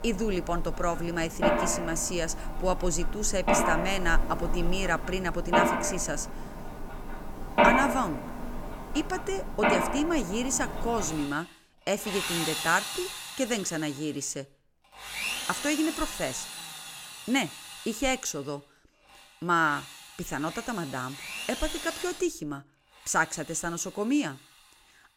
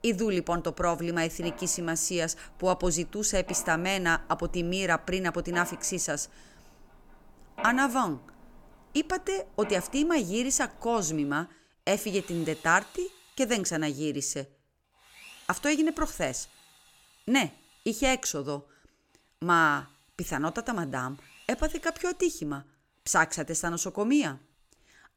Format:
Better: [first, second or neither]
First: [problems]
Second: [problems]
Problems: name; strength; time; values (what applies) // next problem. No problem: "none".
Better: second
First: machinery noise; loud; throughout; 2 dB below the speech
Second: machinery noise; faint; throughout; 20 dB below the speech